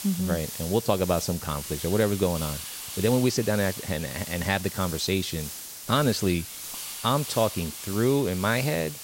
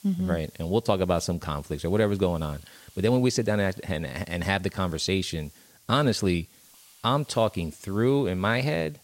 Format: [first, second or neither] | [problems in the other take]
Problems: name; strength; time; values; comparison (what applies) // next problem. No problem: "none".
second | hiss; loud; throughout; 8 dB below the speech; faint in the second